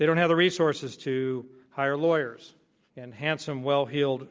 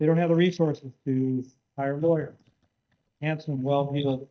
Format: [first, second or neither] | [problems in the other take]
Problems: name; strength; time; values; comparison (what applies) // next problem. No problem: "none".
first | noise reduction (neural mask model DeepFilterNet 3)